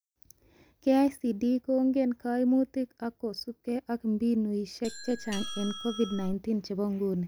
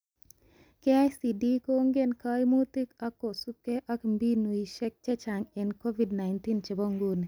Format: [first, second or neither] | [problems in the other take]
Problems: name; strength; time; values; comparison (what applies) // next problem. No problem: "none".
second | background sound (Doorbell); 9 dB below the speech